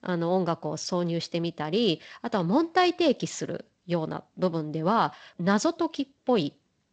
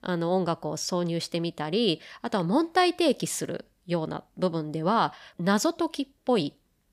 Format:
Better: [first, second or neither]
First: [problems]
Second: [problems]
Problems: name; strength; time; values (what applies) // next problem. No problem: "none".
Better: second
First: garbled, watery; slightly; nothing above 7.5 kHz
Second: none